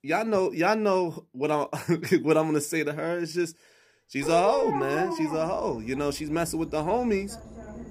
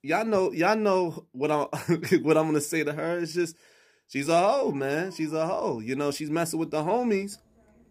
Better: second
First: animal sounds; loud; from 3.5 s on; 9 dB below the speech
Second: animal sounds; faint; from 3.5 s on; 25 dB below the speech

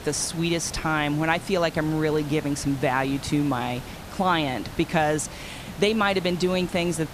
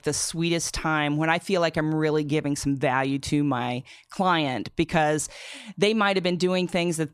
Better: second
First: hiss; noticeable; throughout; 15 dB below the speech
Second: none

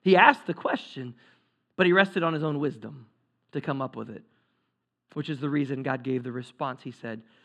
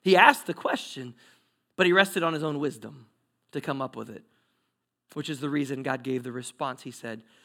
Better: second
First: muffled; slightly; fading above 3 kHz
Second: none

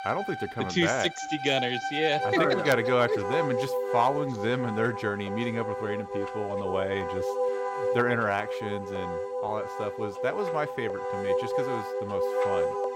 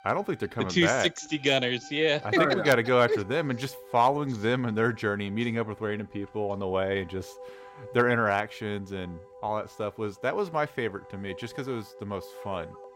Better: second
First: background music; loud; throughout; 2 dB below the speech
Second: background music; faint; throughout; 20 dB below the speech

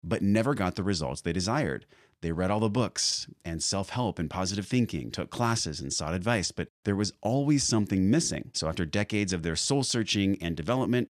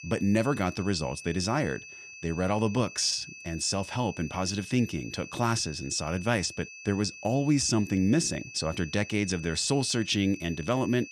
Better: first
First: none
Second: high-pitched whine; noticeable; throughout; 2.5 kHz, 15 dB below the speech

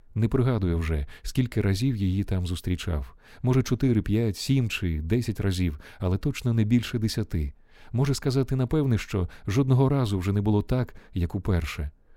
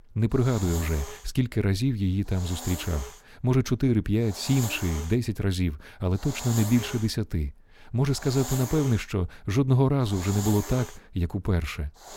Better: first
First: none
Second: hiss; noticeable; throughout; 10 dB below the speech

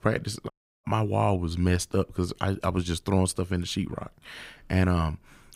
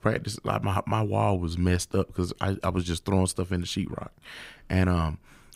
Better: second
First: audio cutting out; at 0.5 s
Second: none

